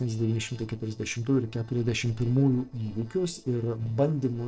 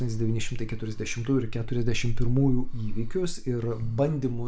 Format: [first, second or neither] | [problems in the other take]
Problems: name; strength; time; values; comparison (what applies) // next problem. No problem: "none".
second | noise reduction (neural separator model SepFormer DNS4)